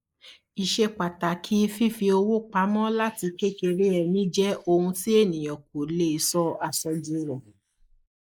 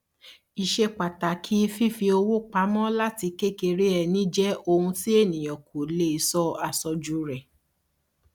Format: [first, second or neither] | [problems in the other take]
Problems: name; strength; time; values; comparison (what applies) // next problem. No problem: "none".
second | noise reduction (neural mask model Resemble Enhance denoiser)